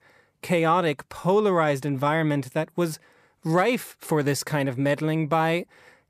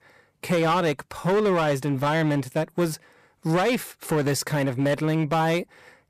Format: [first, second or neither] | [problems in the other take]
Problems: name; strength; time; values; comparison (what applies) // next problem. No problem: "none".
first | distortion; slight; 10% of the sound clipped